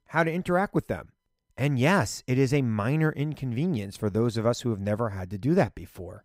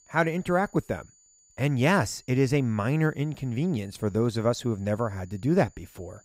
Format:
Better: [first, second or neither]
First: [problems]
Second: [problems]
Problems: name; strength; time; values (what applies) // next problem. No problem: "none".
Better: first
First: none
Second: high-pitched whine; faint; throughout; 7 kHz, 30 dB below the speech